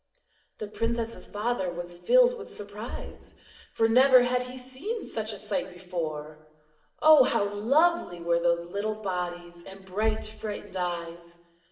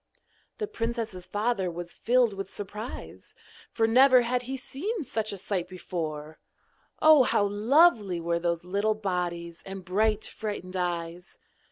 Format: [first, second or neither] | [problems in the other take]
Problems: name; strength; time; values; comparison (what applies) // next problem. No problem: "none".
second | room echo; dies away in 0.7 s